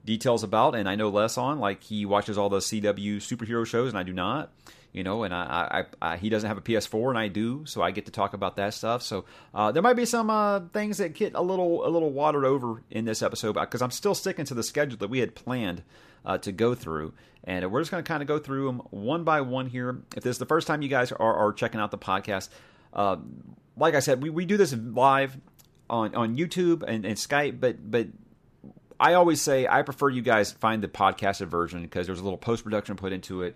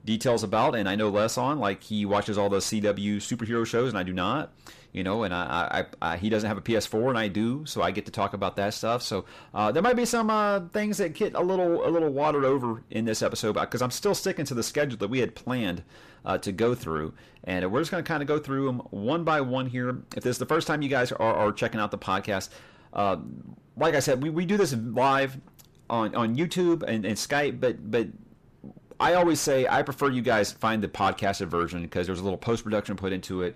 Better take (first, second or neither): first